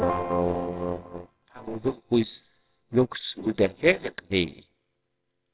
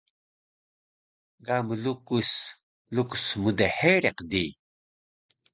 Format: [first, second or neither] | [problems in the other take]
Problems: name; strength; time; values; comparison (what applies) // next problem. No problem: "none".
second | noise reduction (neural separator model SepFormer WHAMR!)